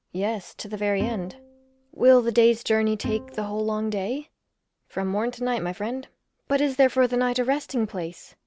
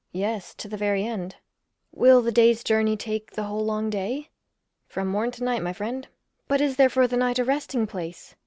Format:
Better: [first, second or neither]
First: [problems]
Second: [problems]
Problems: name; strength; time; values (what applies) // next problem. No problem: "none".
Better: second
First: background sound (Bowed string instrument); 13 dB below the speech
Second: none